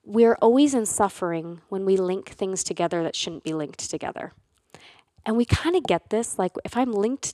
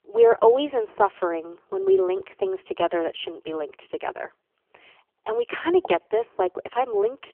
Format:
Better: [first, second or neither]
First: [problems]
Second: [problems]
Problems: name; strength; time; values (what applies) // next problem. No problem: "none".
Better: first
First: none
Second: phone-call audio; poor line; nothing above 3.5 kHz